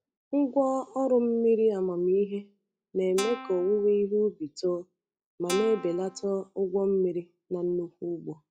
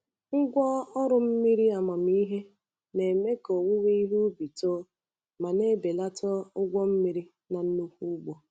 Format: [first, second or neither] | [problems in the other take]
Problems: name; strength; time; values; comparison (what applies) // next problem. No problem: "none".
second | noise reduction (classical method log-MMSE)